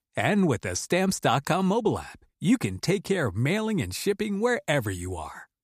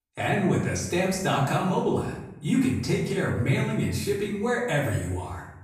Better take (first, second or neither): first